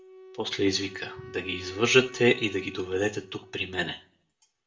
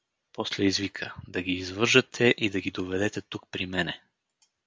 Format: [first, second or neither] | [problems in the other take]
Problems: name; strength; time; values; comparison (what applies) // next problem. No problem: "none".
second | background sound (Wind instrument, woodwind instrument); 17 dB below the speech // room echo; dies away in 0.3 s